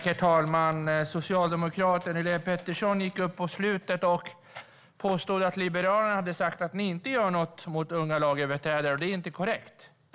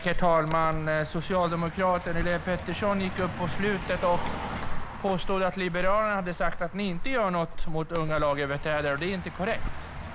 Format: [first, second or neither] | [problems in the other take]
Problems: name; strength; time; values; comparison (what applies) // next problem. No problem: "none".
first | background sound (Car passing by); 4 dB below the speech